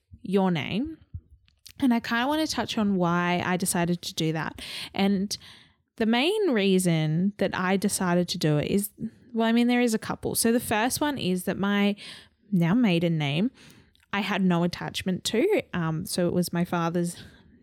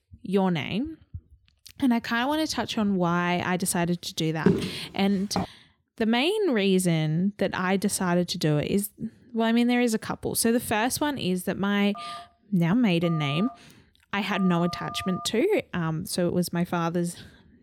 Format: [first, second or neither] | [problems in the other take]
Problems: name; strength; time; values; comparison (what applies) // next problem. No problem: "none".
first | footsteps; loud; at 4.5 s; peak 1 dB above the speech // phone ringing; faint; from 12 to 15 s; peak 10 dB below the speech